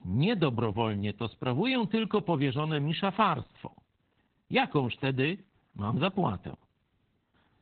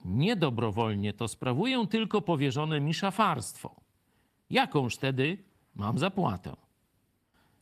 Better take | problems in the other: second | garbled, watery; badly; nothing above 4 kHz; slightly in the second

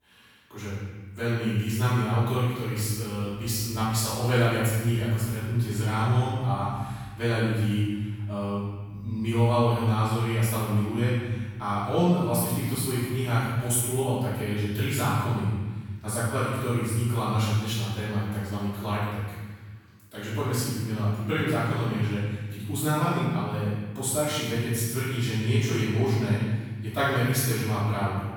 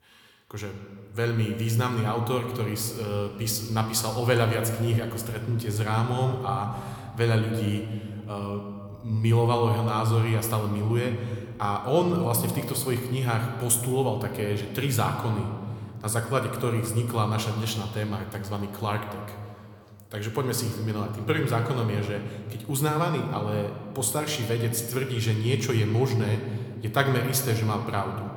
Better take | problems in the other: second | room echo; strong; dies away in 1.4 s; slight in the second // off-mic speech; far

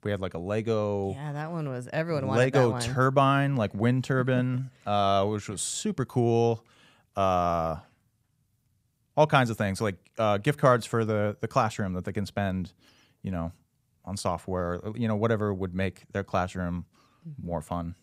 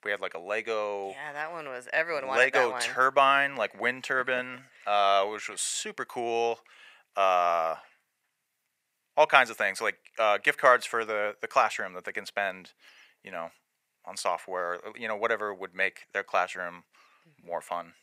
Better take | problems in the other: first | thin; very; fading below 650 Hz

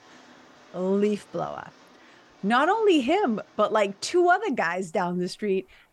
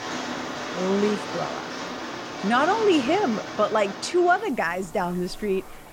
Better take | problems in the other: first | rain or running water; loud; throughout; 8 dB below the speech; faint in the first

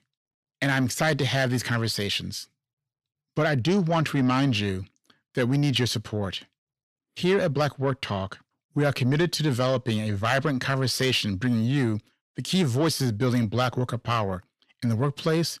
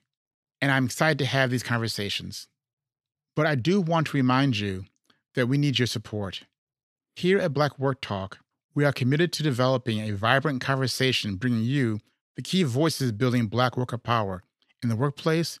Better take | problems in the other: second | distortion; slight; 10 dB below the speech

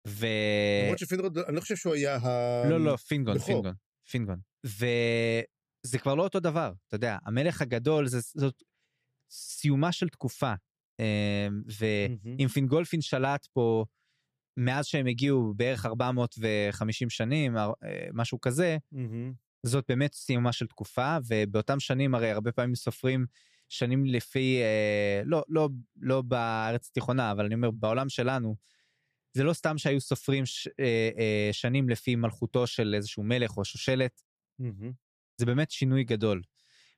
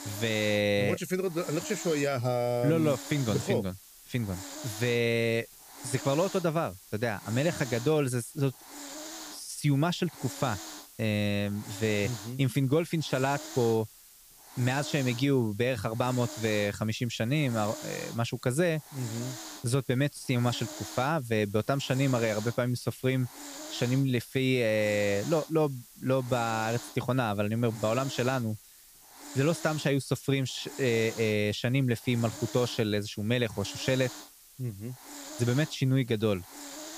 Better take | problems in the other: first | hiss; noticeable; throughout; 15 dB below the speech

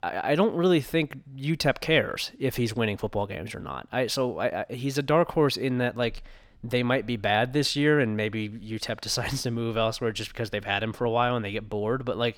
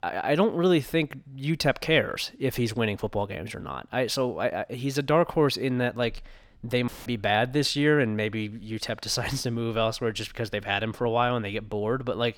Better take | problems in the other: first | audio cutting out; filled with static; at 7 s

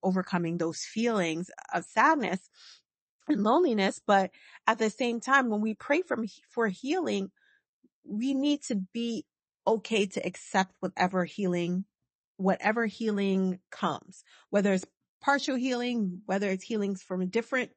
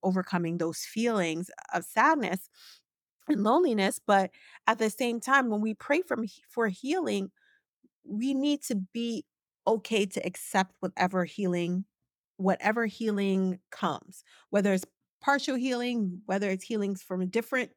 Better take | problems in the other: second | garbled, watery; slightly; nothing above 8 kHz

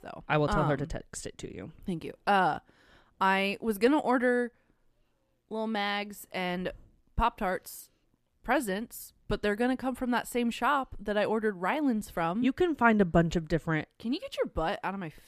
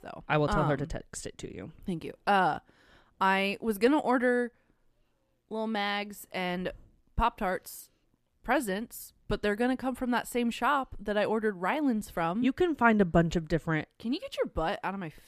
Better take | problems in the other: neither | none

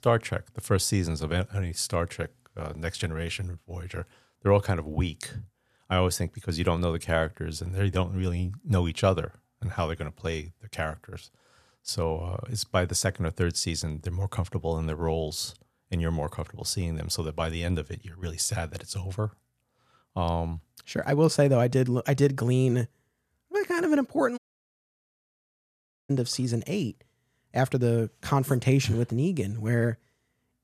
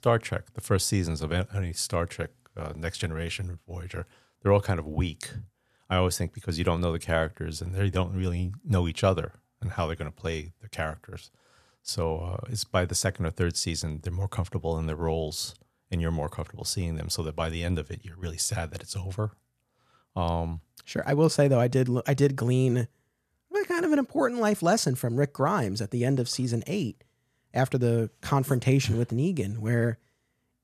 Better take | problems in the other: second | audio cutting out; at 24 s for 1.5 s

